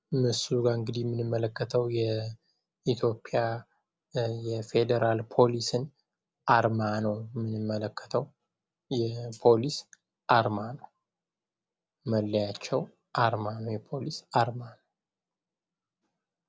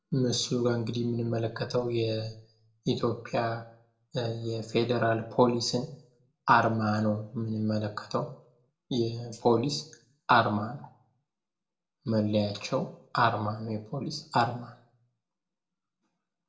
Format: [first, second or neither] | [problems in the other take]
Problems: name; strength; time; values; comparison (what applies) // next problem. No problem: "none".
first | room echo; dies away in 0.4 s